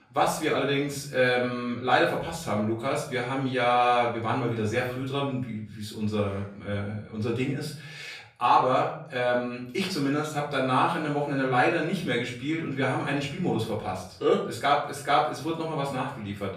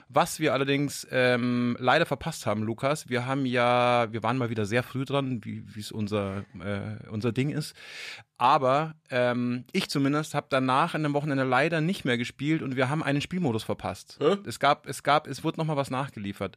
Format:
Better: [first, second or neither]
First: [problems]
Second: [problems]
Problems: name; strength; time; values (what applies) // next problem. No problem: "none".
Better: second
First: off-mic speech; far // room echo; noticeable; dies away in 0.4 s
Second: none